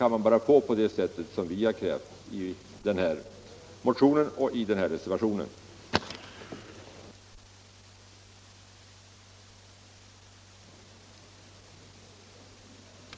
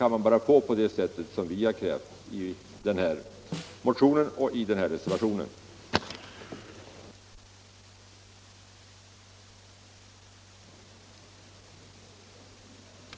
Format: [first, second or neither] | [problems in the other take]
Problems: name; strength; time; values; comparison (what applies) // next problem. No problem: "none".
first | background sound (Snare drum); 14 dB below the speech